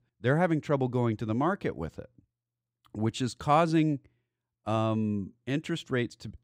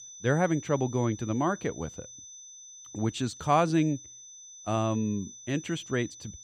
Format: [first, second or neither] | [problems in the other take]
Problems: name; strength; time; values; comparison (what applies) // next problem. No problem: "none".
first | high-pitched whine; noticeable; throughout; 6 kHz, 15 dB below the speech